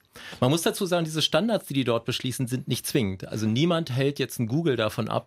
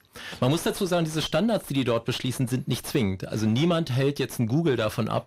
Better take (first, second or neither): first